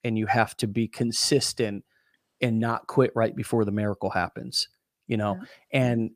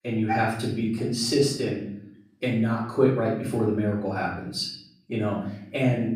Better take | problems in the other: first | room echo; noticeable; dies away in 0.7 s // off-mic speech; far

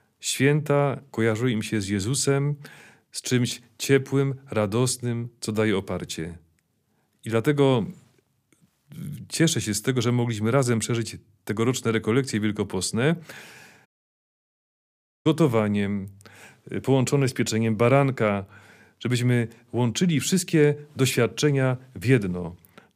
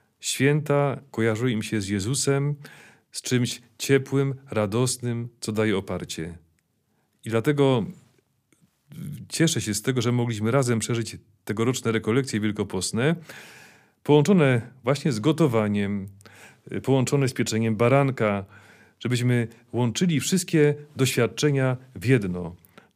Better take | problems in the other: second | audio cutting out; at 14 s for 1.5 s

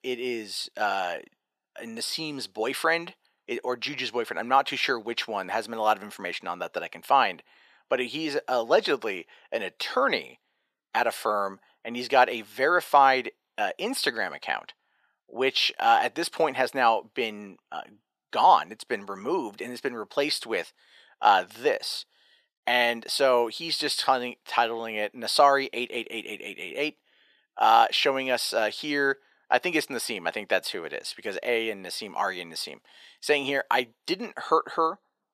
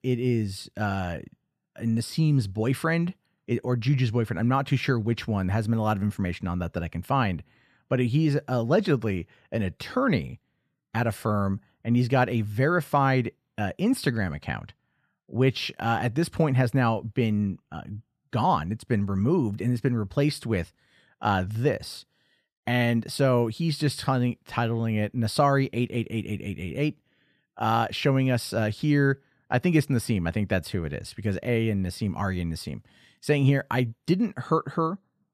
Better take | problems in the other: second | thin; very; fading below 450 Hz

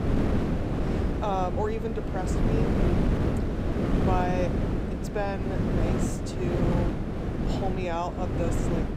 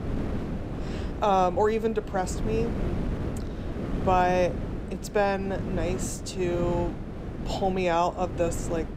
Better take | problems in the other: second | wind noise on the microphone; heavy; 1 dB below the speech; occasional gusts in the second

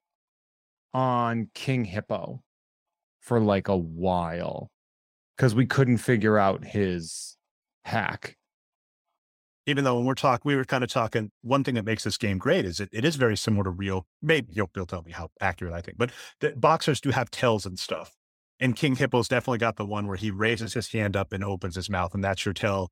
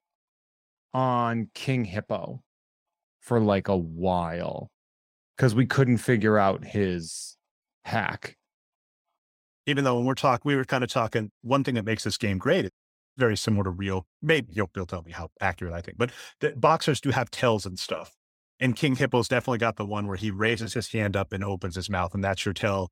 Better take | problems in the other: first | audio cutting out; at 13 s

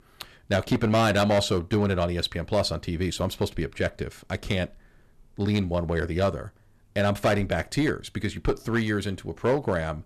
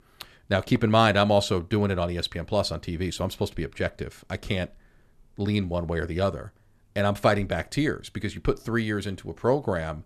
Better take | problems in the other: second | distortion; slight; 5% of the sound clipped

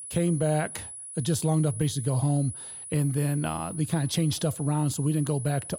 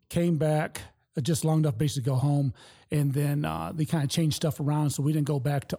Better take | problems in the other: second | high-pitched whine; noticeable; throughout; 10 kHz, 10 dB below the speech

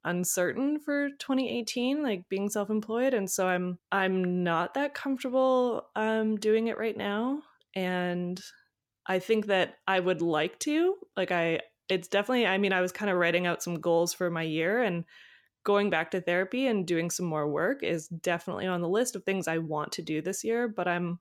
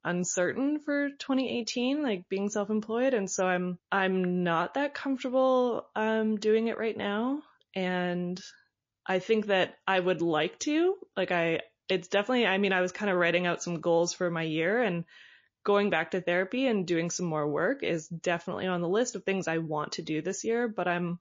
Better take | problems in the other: first | garbled, watery; slightly; nothing above 7 kHz

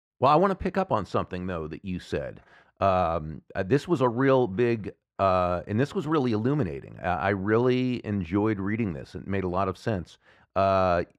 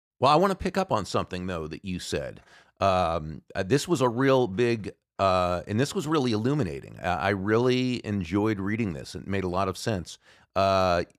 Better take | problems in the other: second | muffled; slightly; fading above 3.5 kHz

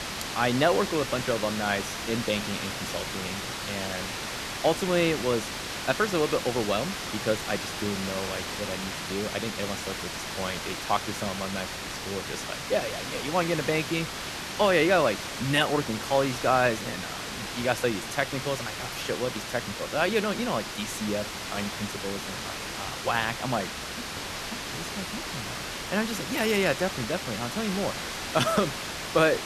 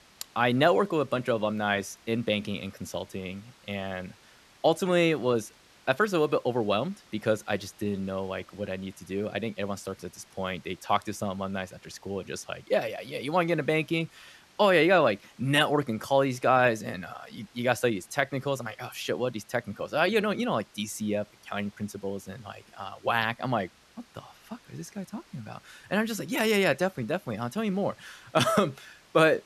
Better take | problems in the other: second | hiss; loud; throughout; 4 dB below the speech; faint in the second

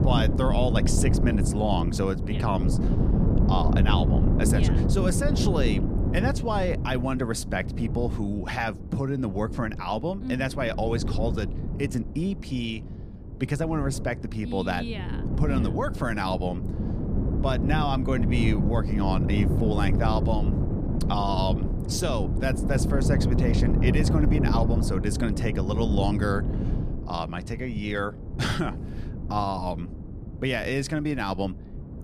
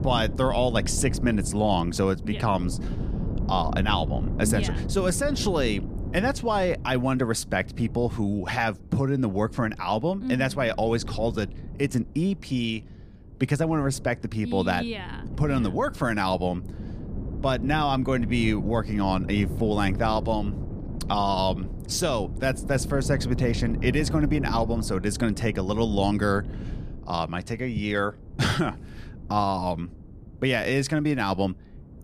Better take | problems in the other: second | wind noise on the microphone; heavy; 6 dB below the speech; occasional gusts in the second

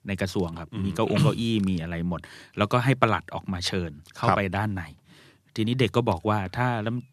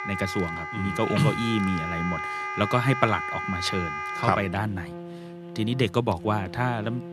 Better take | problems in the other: first | background music; loud; throughout; 6 dB below the speech

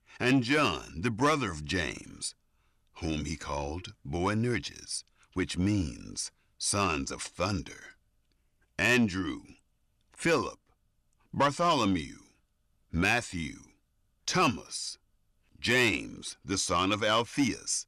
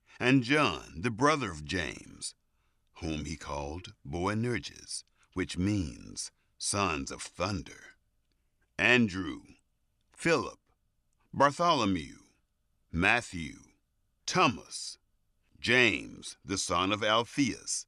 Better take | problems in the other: second | distortion; slight; 10 dB below the speech

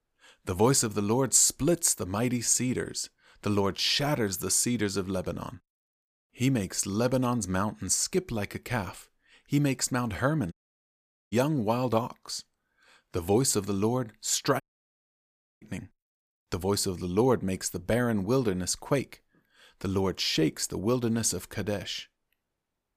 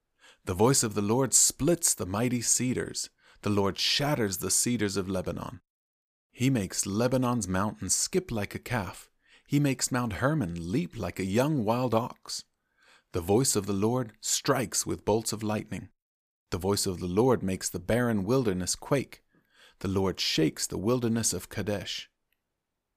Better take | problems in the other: second | audio cutting out; at 11 s for 1 s and at 15 s for 1 s

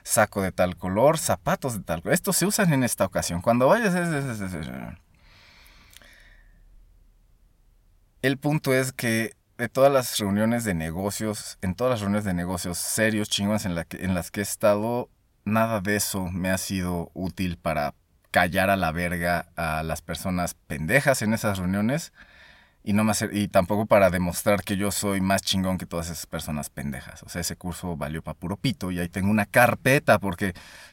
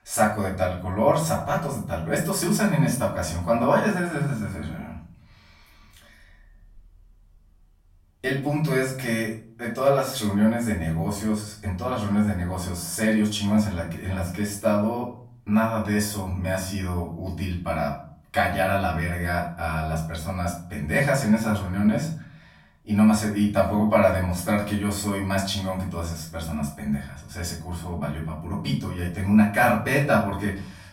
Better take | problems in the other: first | off-mic speech; far // room echo; noticeable; dies away in 0.5 s

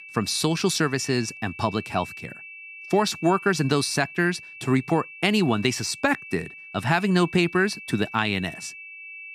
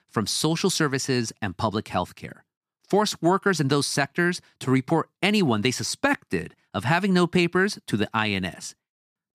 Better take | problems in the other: second | high-pitched whine; noticeable; throughout; 2.5 kHz, 15 dB below the speech

